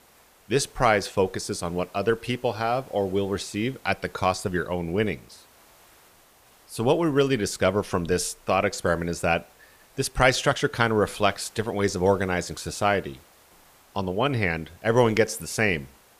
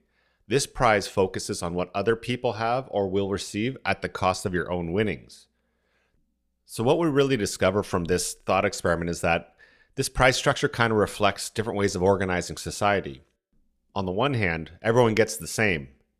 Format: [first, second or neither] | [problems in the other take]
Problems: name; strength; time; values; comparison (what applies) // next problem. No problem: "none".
second | hiss; faint; throughout; 30 dB below the speech